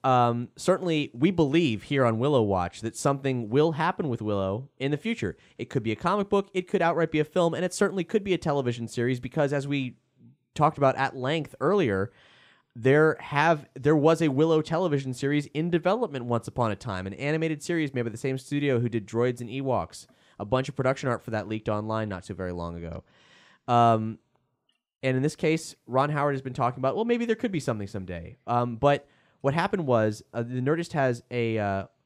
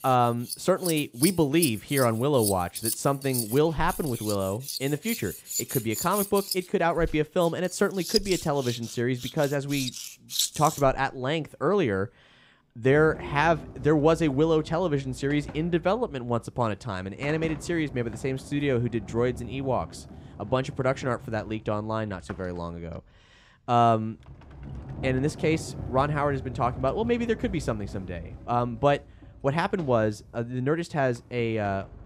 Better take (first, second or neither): first